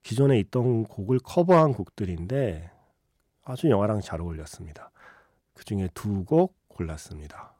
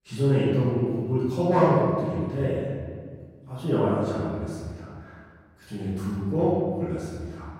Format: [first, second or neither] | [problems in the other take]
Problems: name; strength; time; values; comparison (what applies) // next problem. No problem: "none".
first | off-mic speech; far // room echo; strong; dies away in 1.7 s